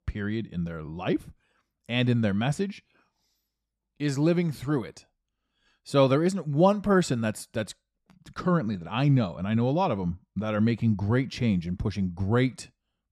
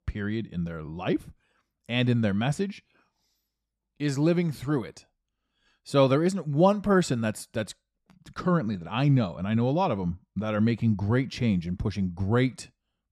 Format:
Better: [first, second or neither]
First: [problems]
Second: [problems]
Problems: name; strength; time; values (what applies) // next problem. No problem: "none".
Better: neither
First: none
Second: none